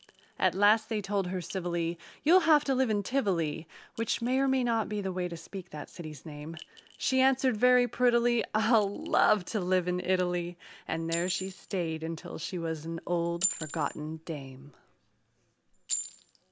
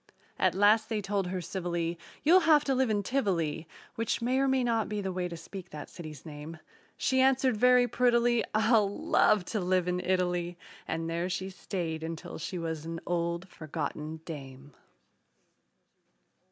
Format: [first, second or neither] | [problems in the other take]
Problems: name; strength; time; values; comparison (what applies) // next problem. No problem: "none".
second | background sound (Chink, clink); 16 dB below the speech